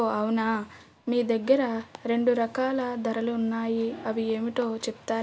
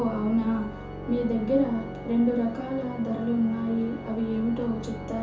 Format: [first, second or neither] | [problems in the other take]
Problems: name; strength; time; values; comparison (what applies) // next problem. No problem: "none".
first | background sound (Organ); 10 dB below the speech // room echo; dies away in 0.9 s